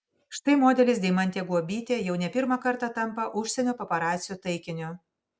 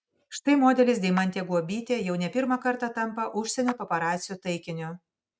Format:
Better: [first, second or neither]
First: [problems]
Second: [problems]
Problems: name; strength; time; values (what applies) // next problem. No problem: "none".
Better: first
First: none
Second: noise reduction (neural mask model RNNoise)